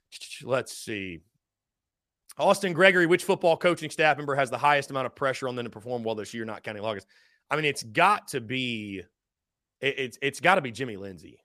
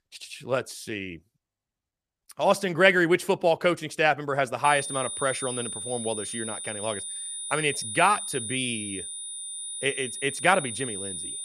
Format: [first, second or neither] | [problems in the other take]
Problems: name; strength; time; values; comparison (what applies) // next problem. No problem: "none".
first | high-pitched whine; loud; from 4.5 s on; 9.5 kHz, 6 dB below the speech